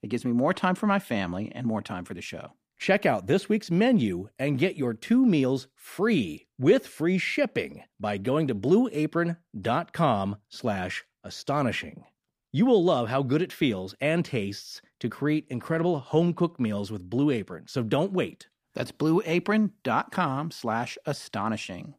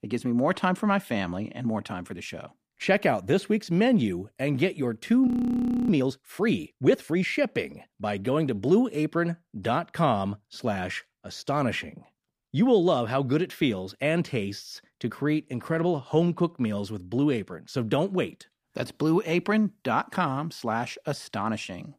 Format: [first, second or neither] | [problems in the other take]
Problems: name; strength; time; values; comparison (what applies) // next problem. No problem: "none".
first | audio freezing; at 5.5 s for 0.5 s